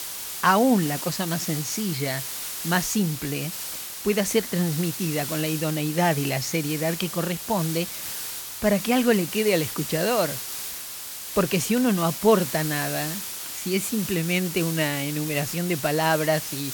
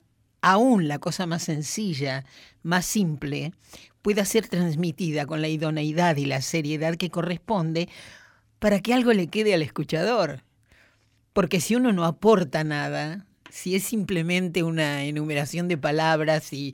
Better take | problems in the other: second | hiss; loud; throughout; 6 dB below the speech

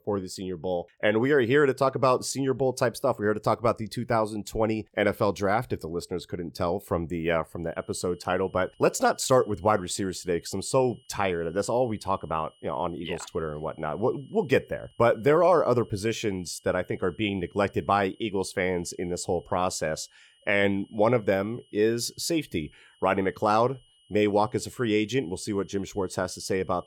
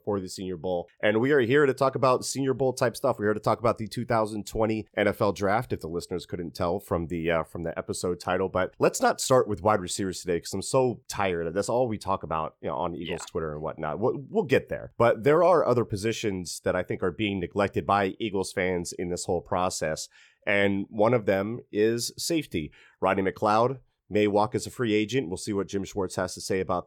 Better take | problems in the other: second | high-pitched whine; faint; from 7.5 s on; 3 kHz, 35 dB below the speech

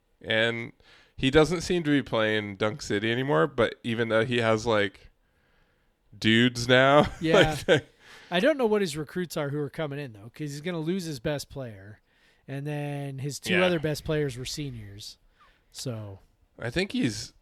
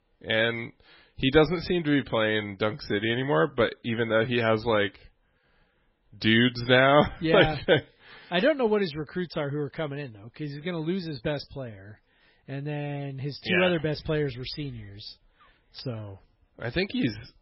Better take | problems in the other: first | garbled, watery; badly; nothing above 5.5 kHz

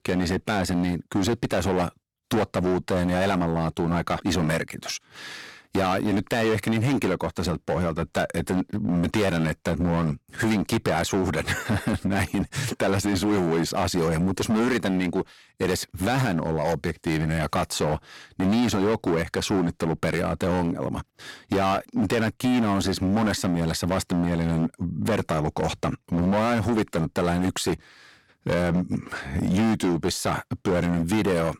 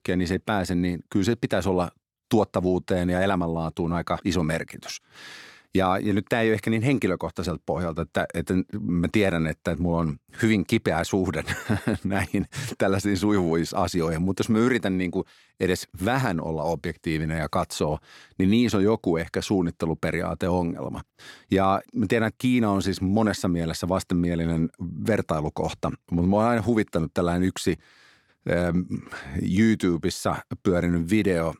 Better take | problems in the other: second | distortion; heavy; 16% of the sound clipped

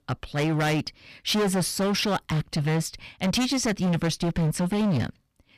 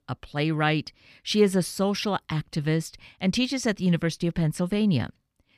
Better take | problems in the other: second | distortion; heavy; 24% of the sound clipped

